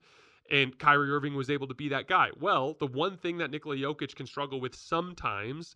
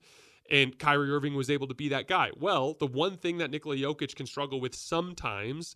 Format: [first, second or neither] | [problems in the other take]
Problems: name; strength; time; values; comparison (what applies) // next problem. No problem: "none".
second | muffled; slightly; fading above 4.5 kHz